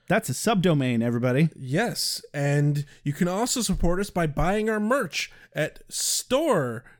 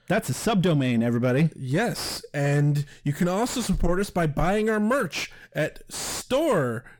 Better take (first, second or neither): first